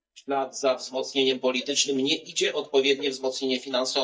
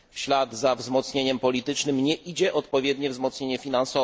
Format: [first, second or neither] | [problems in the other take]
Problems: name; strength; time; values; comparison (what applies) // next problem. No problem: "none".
second | noise reduction (neural mask model DeepFilterNet 3)